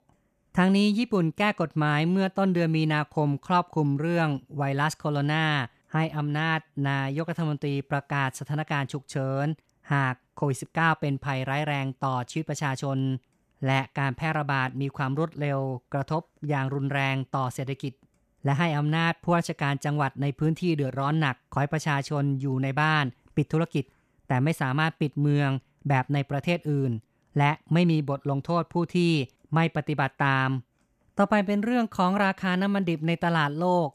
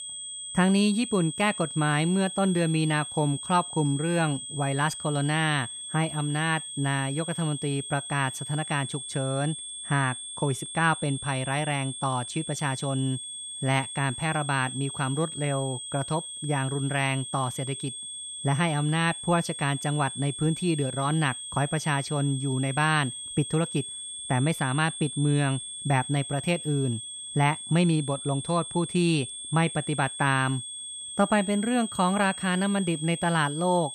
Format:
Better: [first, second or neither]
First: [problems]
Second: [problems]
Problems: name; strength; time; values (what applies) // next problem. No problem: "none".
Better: first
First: none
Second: high-pitched whine; loud; throughout; 3.5 kHz, 8 dB below the speech